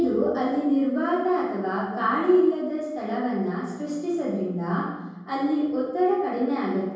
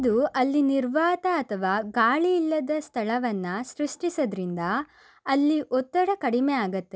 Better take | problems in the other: second | room echo; dies away in 1.3 s

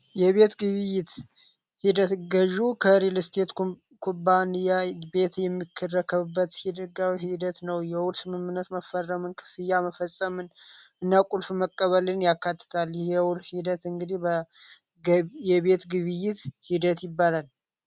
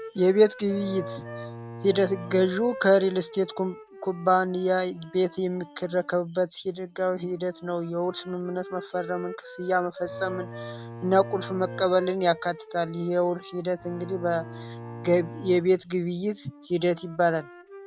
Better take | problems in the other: first | background sound (Bowed string instrument + Wind instrument, woodwind instrument); 15 dB below the speech

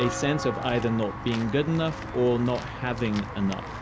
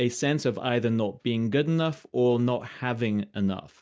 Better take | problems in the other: second | background sound (Walk, footsteps / Bell); 8 dB below the speech

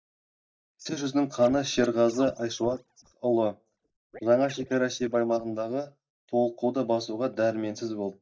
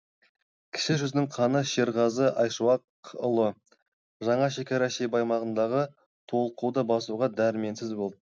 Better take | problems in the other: second | noise reduction (neural mask model DeepFilterNet 3)

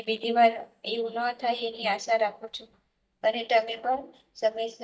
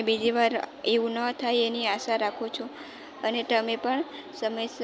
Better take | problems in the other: second | noise reduction (neural mask model DeepFilterNet 3)

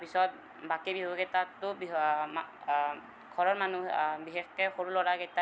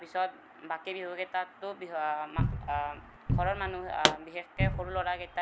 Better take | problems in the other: first | background sound (Cupboard open or close + Explosion); 3 dB above the speech

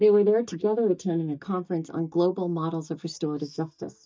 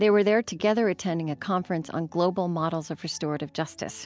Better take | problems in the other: second | noise reduction (neural mask model DeepFilterNet 3)

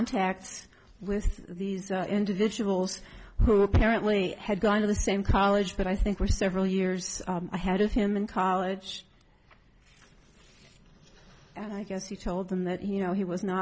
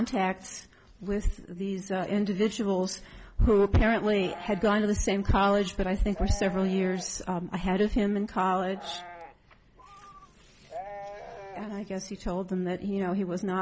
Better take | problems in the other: first | background sound (Livestock, farm animals, working animals); 16 dB below the speech

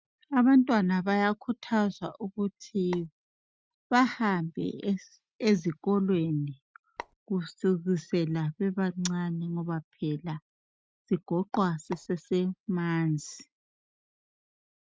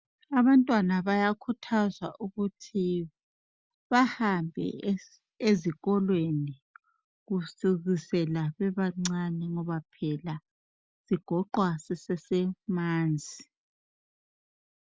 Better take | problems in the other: second | noise reduction (neural mask model RNNoise)

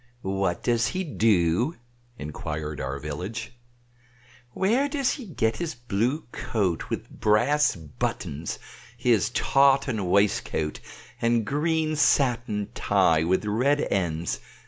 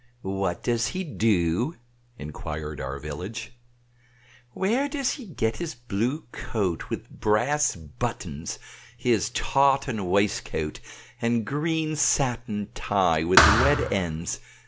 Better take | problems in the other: first | background sound (Thump, thud); 4 dB above the speech

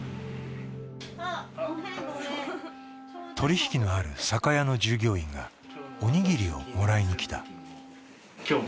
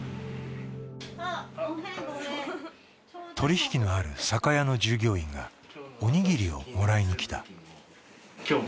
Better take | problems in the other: second | background sound (Wind instrument, woodwind instrument); 18 dB below the speech

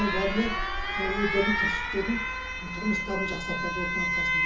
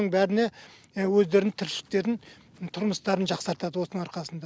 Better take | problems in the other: second | background sound (Alarm); 2 dB above the speech // room echo; dies away in 0.7 s

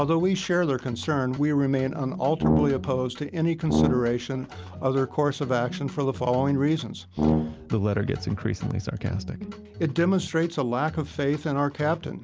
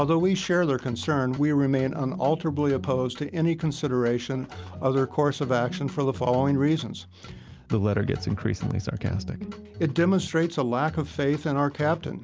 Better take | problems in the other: second | background sound (Brass instrument); 1 dB below the speech

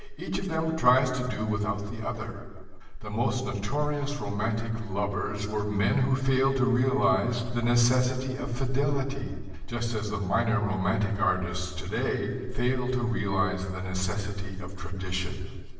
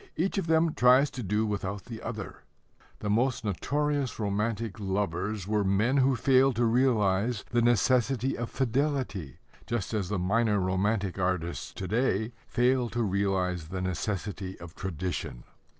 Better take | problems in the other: second | room echo; dies away in 1.3 s

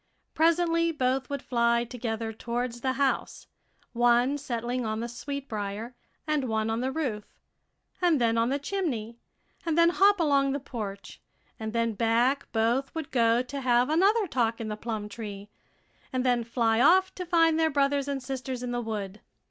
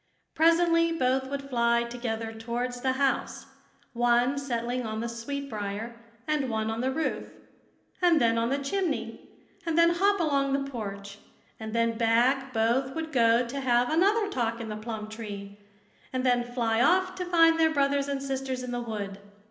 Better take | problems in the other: first | room echo; dies away in 0.8 s

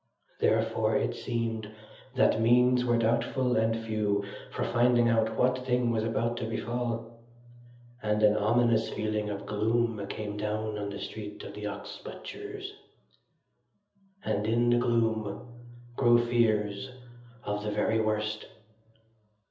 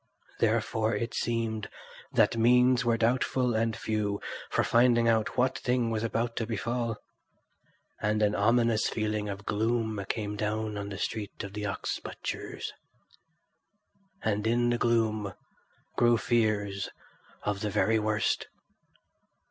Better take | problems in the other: second | room echo; dies away in 0.7 s

